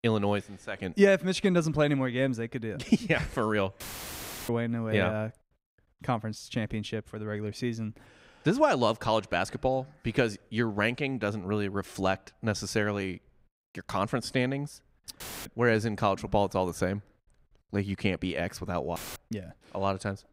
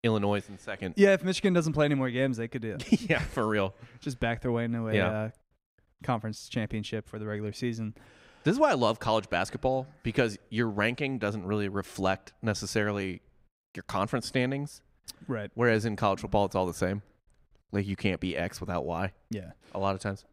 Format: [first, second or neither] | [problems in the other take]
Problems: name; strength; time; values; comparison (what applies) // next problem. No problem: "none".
second | audio cutting out; filled with static; at 4 s for 0.5 s, at 15 s and at 19 s